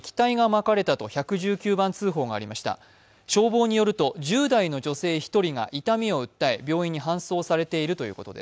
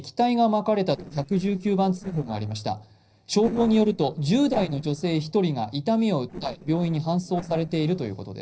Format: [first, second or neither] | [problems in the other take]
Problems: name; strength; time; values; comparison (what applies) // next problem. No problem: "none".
first | noise reduction (neural separator model SepFormer DNS4)